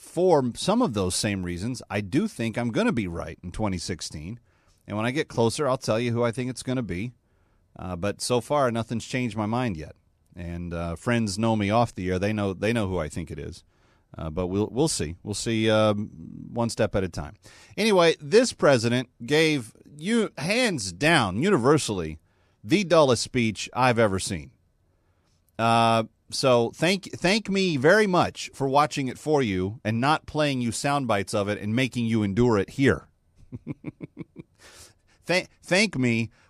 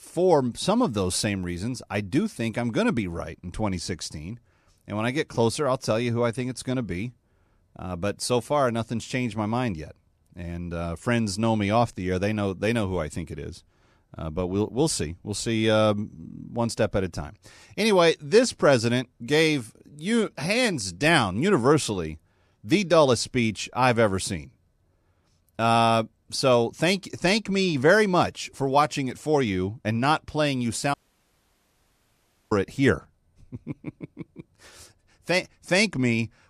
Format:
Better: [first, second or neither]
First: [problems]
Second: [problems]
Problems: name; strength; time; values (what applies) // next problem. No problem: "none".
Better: first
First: none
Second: audio cutting out; at 31 s for 1.5 s